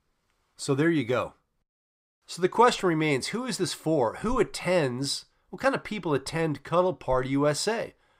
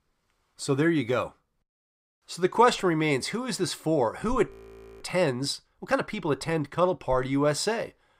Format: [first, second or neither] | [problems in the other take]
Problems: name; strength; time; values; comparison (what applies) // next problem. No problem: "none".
first | audio freezing; at 4.5 s for 0.5 s